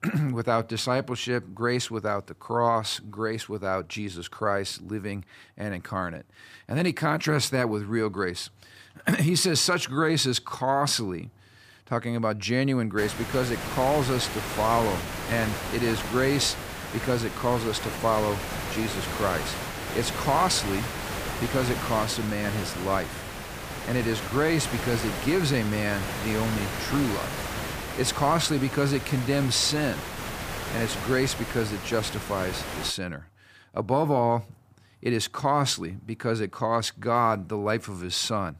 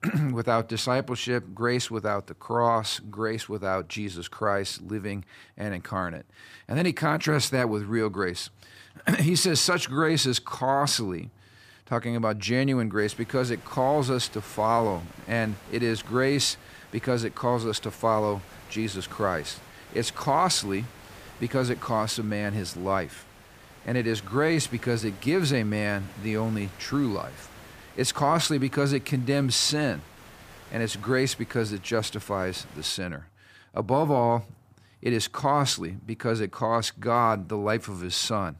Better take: second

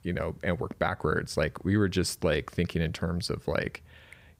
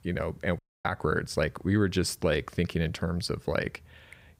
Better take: first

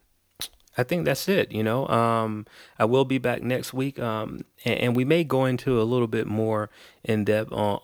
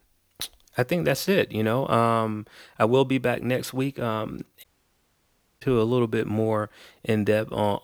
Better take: first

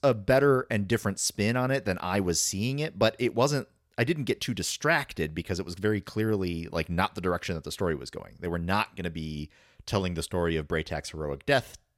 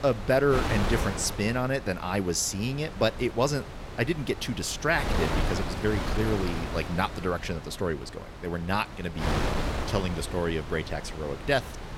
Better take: first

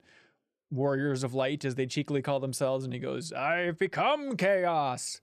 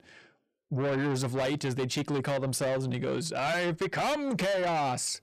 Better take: first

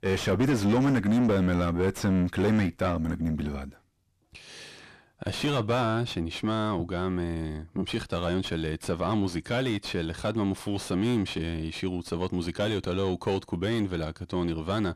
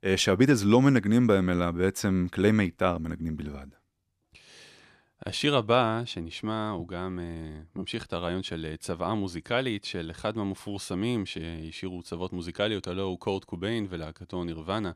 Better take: second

